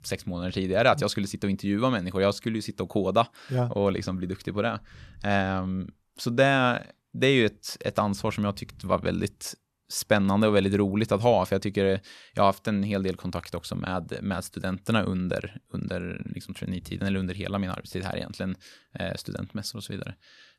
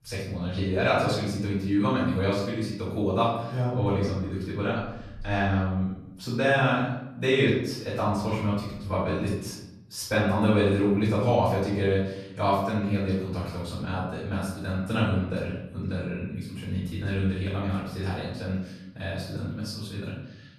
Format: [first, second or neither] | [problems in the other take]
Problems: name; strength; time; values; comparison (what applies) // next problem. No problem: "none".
first | room echo; noticeable; dies away in 0.8 s // off-mic speech; far